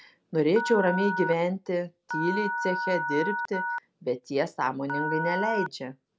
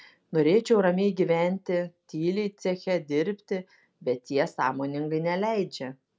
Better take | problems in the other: second | background sound (Telephone); 5 dB below the speech

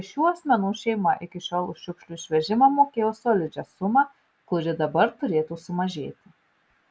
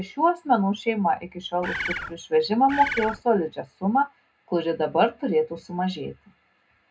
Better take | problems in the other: first | background sound (Bird); 6 dB below the speech // room echo; dies away in 0.2 s

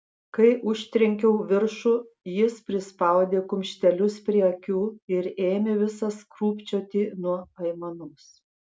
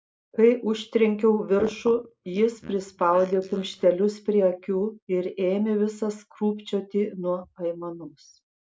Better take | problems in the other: first | noise reduction (neural mask model Resemble Enhance denoiser)

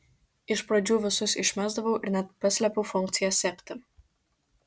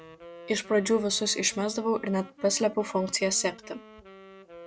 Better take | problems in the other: first | background sound (Wind instrument, woodwind instrument); 19 dB below the speech

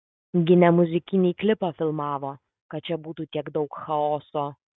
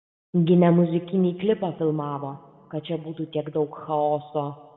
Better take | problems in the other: first | room echo; dies away in 1.3 s

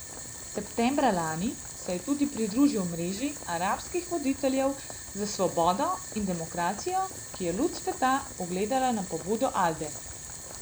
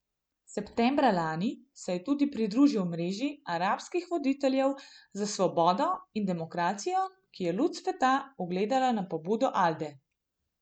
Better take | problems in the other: second | background sound (Boiling); 11 dB below the speech

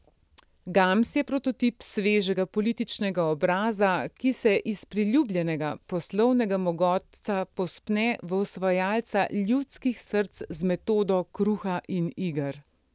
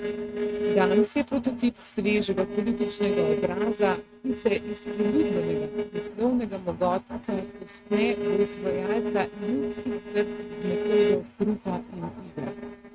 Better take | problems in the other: first | noise reduction (neural mask model RNNoise)

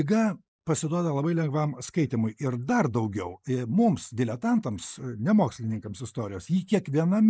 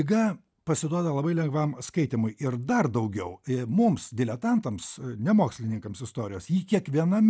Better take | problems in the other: second | noise reduction (neural mask model Resemble Enhance denoiser)

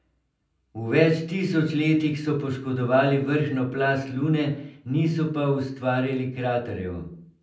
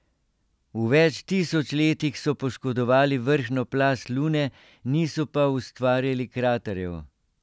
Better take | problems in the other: second | room echo; dies away in 0.6 s

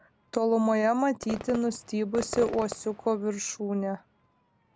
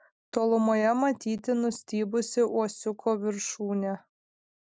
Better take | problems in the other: second | background sound (Fireworks); 14 dB below the speech

